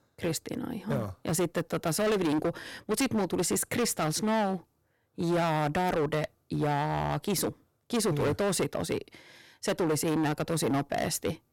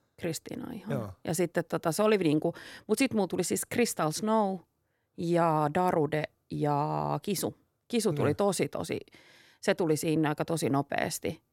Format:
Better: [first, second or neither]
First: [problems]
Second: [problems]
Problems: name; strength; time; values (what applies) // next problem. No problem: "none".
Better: second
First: distortion; heavy; 14% of the sound clipped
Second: none